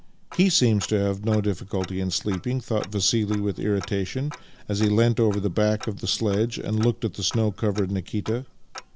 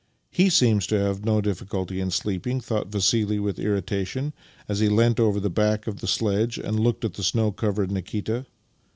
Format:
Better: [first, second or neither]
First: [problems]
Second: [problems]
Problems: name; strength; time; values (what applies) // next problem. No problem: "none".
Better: second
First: background sound (Tick-tock); 18 dB below the speech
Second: none